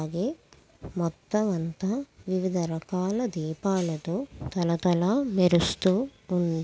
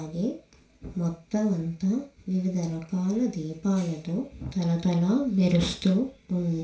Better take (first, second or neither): first